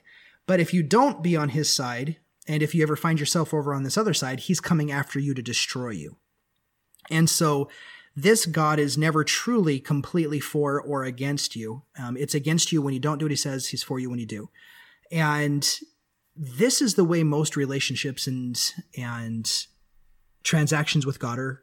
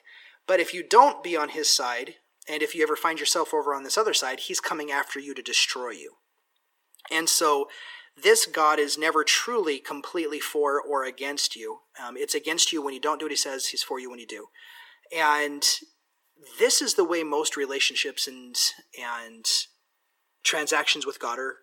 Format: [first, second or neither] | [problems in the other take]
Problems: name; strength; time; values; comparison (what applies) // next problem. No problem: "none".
first | thin; very; fading below 350 Hz